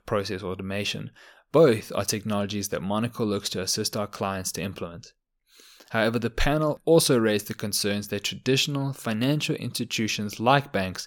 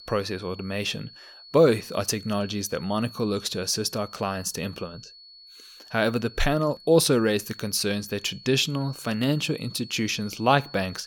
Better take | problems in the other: first | high-pitched whine; noticeable; throughout; 4.5 kHz, 20 dB below the speech

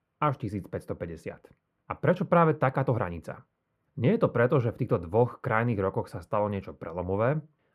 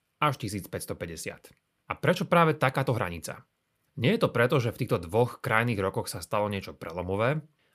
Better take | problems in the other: second | muffled; very; fading above 2.5 kHz

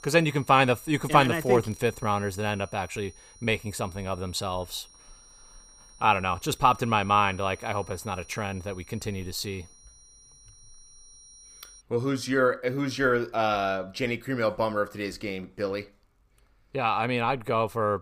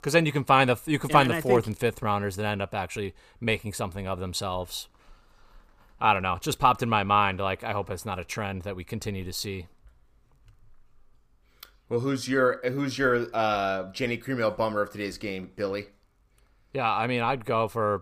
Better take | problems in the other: second | high-pitched whine; faint; until 12 s; 5.5 kHz, 25 dB below the speech

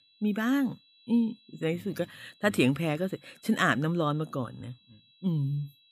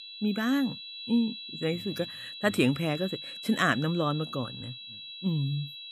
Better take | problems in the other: first | high-pitched whine; loud; throughout; 4 kHz, 10 dB below the speech; faint in the first

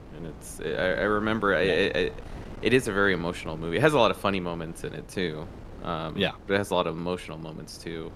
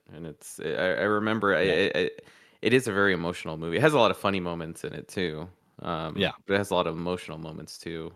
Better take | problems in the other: second | wind noise on the microphone; occasional gusts; 20 dB below the speech

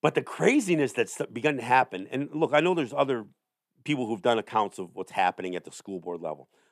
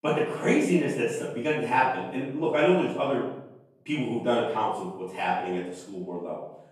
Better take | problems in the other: first | room echo; noticeable; dies away in 0.7 s // off-mic speech; far

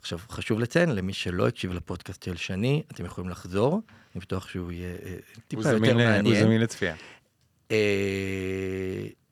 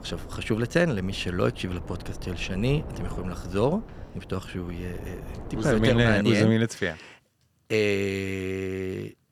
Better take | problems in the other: first | wind noise on the microphone; occasional gusts; until 6 s; 15 dB below the speech

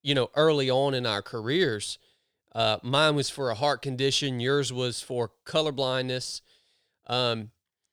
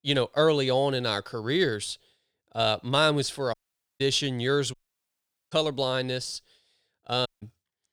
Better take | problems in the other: first | audio cutting out; at 3.5 s, at 4.5 s for 1 s and at 7.5 s

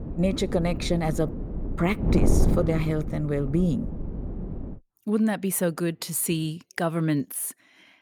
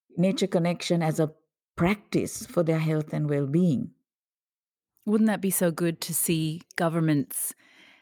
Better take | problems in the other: second | wind noise on the microphone; heavy; until 5 s; 7 dB below the speech

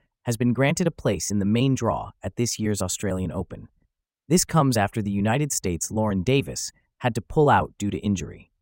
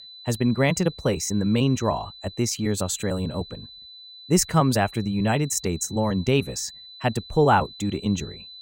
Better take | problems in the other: first | high-pitched whine; noticeable; throughout; 4 kHz, 15 dB below the speech

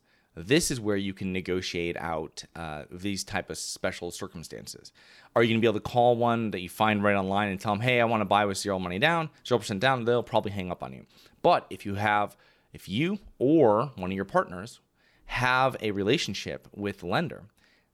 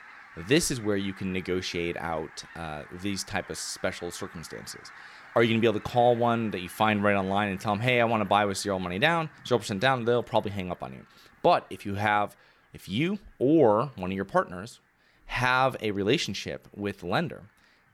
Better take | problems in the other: first | animal sounds; faint; throughout; 20 dB below the speech

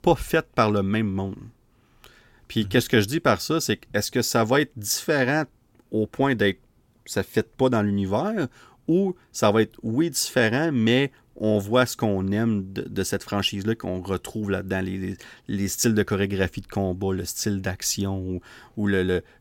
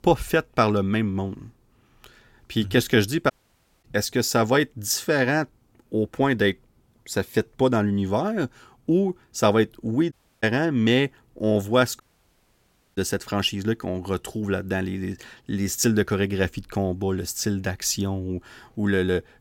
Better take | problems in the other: first | audio cutting out; at 3.5 s for 0.5 s, at 10 s and at 12 s for 1 s

